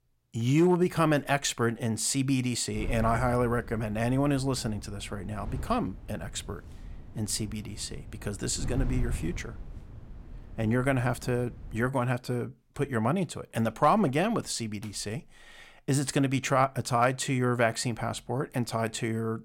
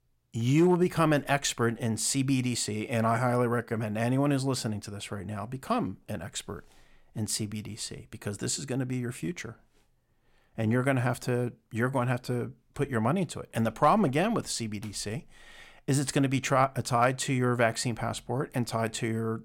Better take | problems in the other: second | wind noise on the microphone; occasional gusts; from 3 to 12 s; 25 dB below the speech

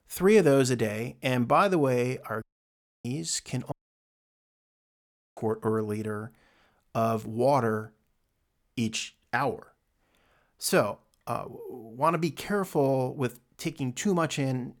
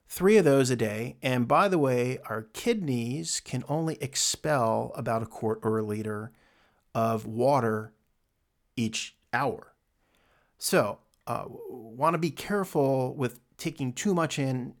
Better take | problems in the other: second | audio cutting out; at 2.5 s for 0.5 s and at 3.5 s for 1.5 s

